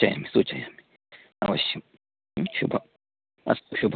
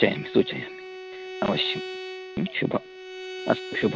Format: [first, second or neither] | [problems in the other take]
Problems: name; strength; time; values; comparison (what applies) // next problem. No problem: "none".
first | background sound (Bowed string instrument); 9 dB below the speech